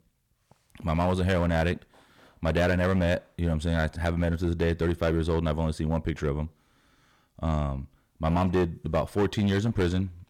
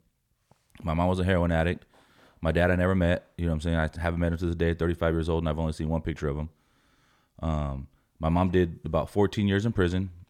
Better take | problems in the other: second | distortion; slight; 7% of the sound clipped

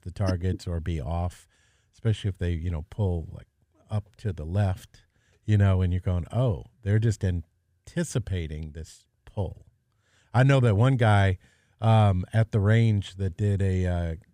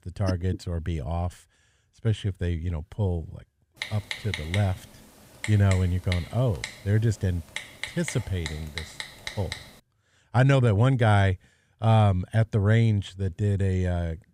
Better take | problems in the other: first | keyboard typing; noticeable; from 4 to 9.5 s; peak 8 dB below the speech

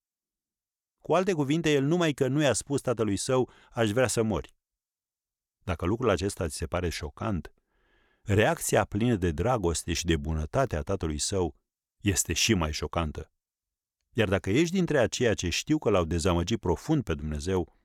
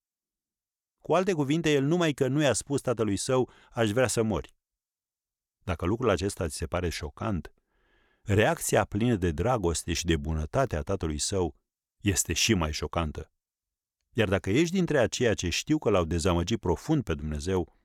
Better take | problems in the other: neither | none

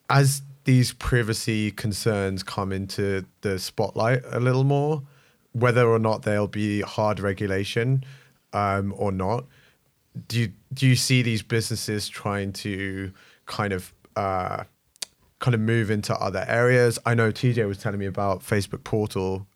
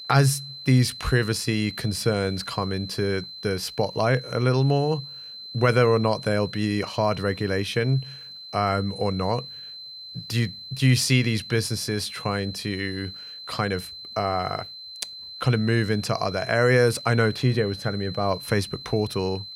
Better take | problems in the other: first | high-pitched whine; noticeable; throughout; 4 kHz, 10 dB below the speech

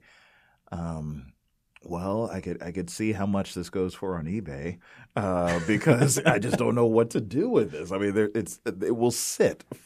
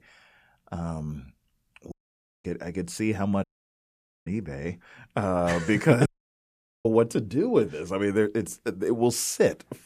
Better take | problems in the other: first | audio cutting out; at 2 s for 0.5 s, at 3.5 s for 1 s and at 6 s for 1 s

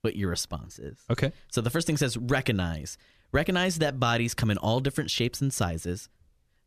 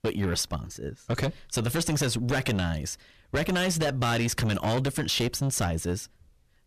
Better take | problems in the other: first | distortion; heavy; 7 dB below the speech

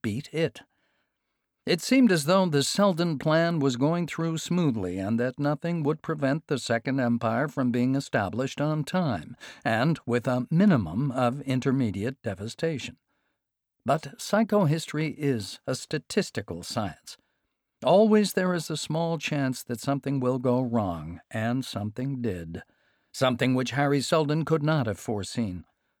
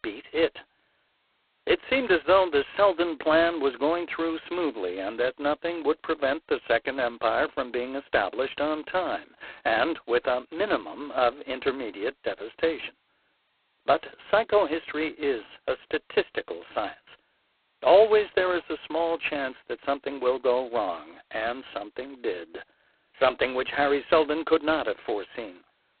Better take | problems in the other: first | phone-call audio; poor line; nothing above 4 kHz

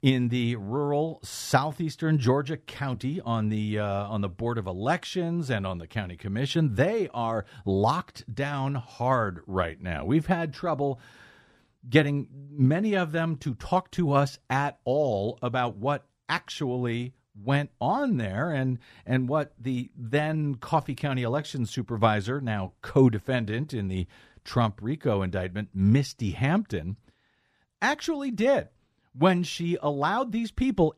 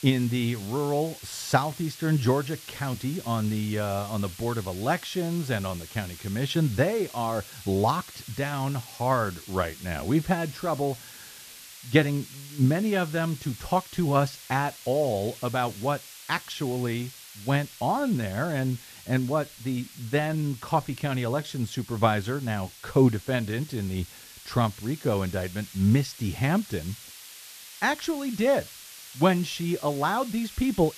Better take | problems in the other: first | hiss; noticeable; throughout; 15 dB below the speech

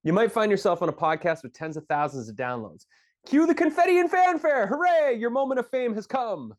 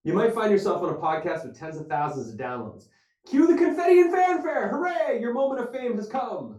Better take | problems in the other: first | off-mic speech; far // room echo; slight; dies away in 0.3 s

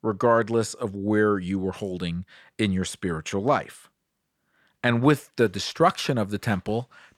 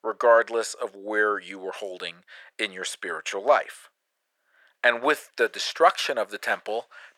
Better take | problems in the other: first | thin; very; fading below 500 Hz

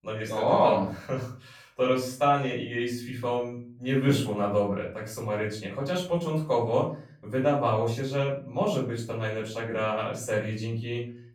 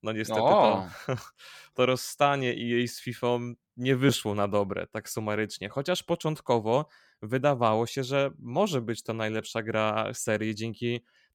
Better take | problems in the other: second | off-mic speech; far // room echo; slight; dies away in 0.4 s

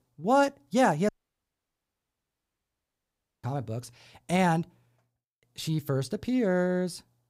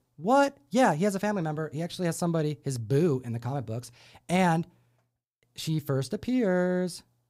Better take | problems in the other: second | audio cutting out; at 1 s for 2.5 s

